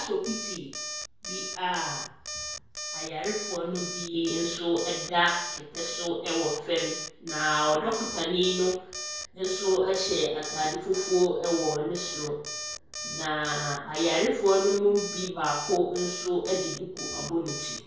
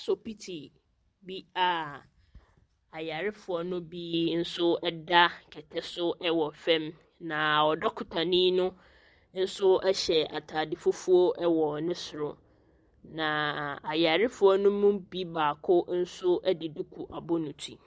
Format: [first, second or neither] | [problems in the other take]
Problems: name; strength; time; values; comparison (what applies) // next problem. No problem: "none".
second | background sound (Alarm); 8 dB below the speech // room echo; dies away in 0.5 s